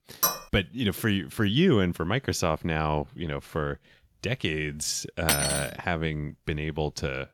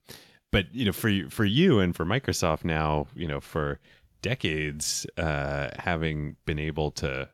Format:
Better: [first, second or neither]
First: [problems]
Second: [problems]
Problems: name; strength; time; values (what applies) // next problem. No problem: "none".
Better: second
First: clattering dishes; loud; at the start and at 5.5 s; peak 4 dB above the speech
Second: none